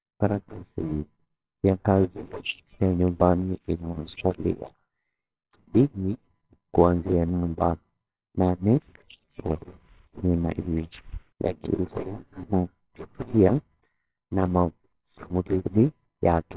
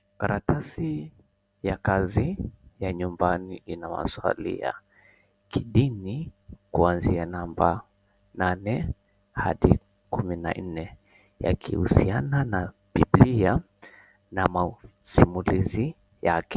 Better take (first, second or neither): second